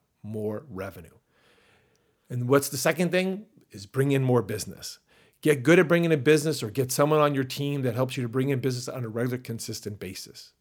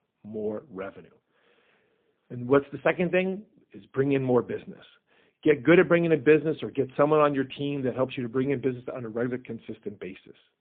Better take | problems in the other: first | phone-call audio; poor line

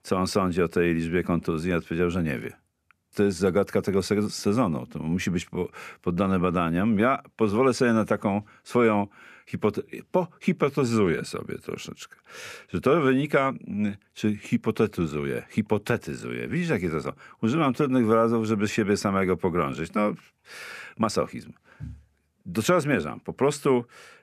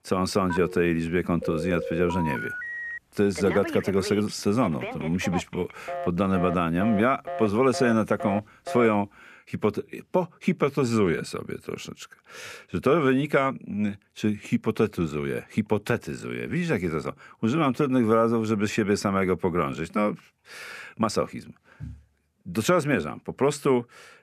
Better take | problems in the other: first | phone ringing; noticeable; until 9 s; peak 6 dB below the speech

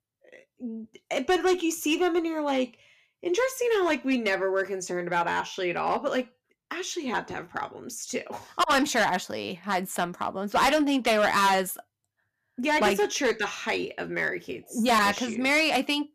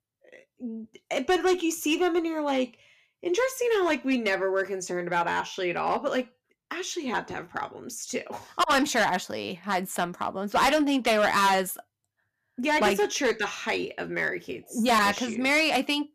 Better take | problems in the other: neither | distortion; heavy; 5% of the sound clipped; the same in both

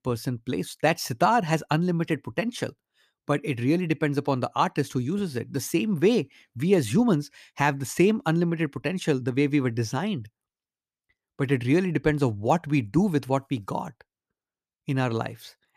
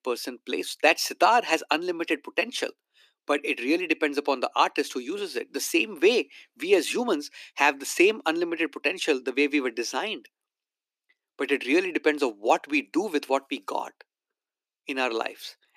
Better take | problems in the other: first | thin; somewhat; fading below 300 Hz

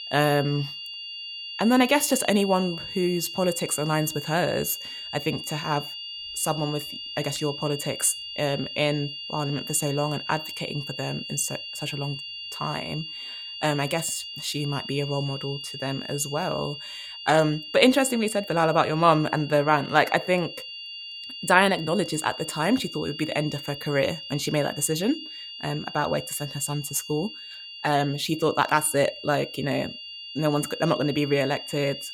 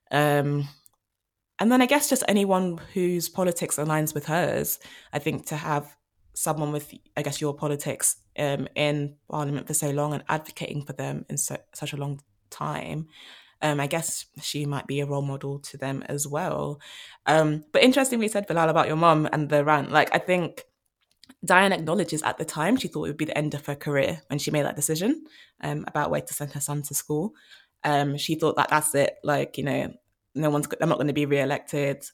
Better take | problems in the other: second | high-pitched whine; loud; throughout; 3 kHz, 9 dB below the speech

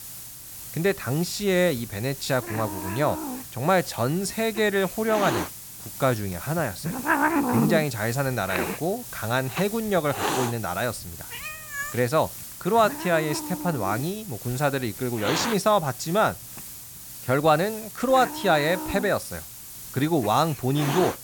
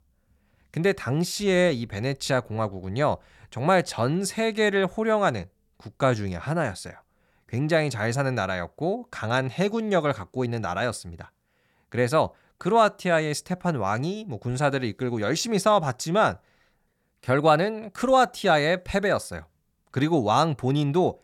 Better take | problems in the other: second | hiss; loud; throughout; 7 dB below the speech

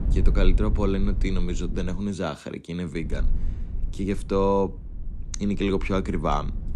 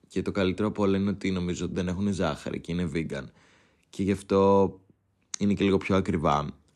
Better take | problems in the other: second | low rumble; noticeable; until 2 s and from 3 s on; 20 dB below the speech

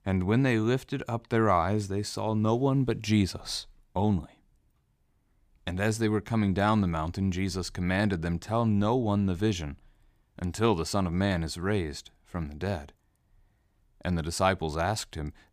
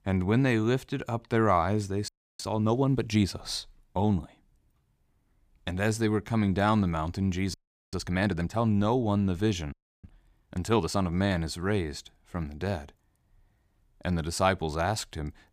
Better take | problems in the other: first | audio freezing; at 2 s, at 7.5 s and at 9.5 s

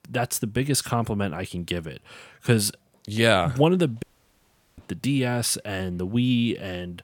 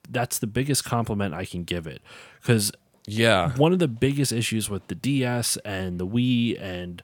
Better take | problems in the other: second | audio cutting out; at 4 s for 1 s

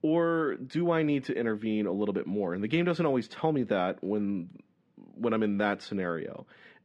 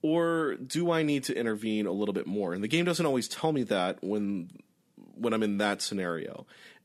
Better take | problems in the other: second | muffled; slightly; fading above 2.5 kHz

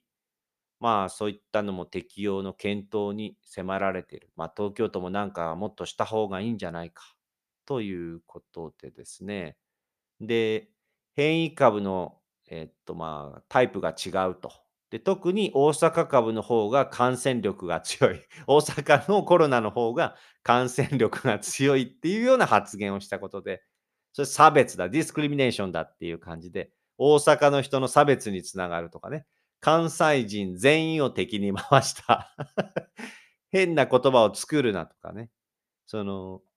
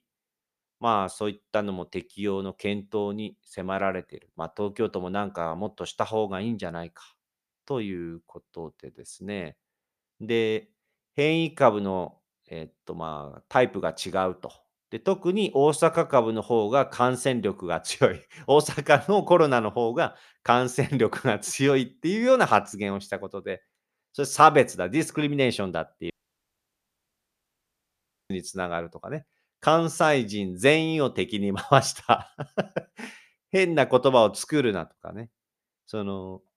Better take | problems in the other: first | audio cutting out; at 26 s for 2 s

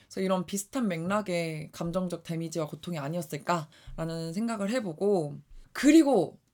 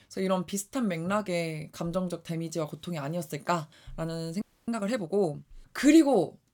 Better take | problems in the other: first | audio freezing; at 4.5 s

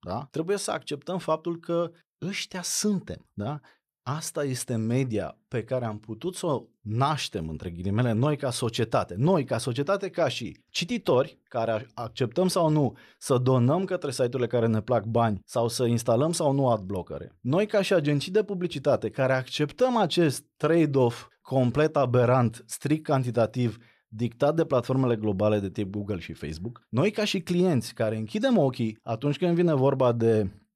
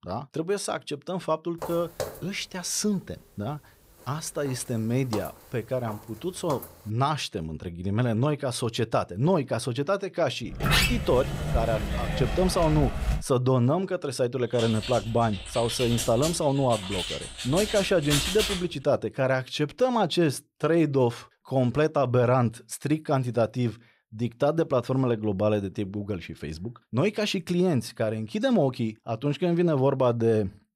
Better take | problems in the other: first | footsteps; noticeable; from 1.5 to 6.5 s; peak 9 dB below the speech // door banging; loud; from 11 to 13 s; peak 4 dB above the speech // keyboard typing; loud; from 15 to 19 s; peak 1 dB above the speech

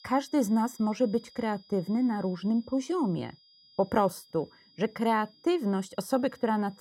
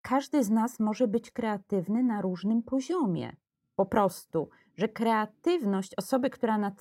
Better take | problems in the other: second | high-pitched whine; faint; throughout; 5 kHz, 25 dB below the speech

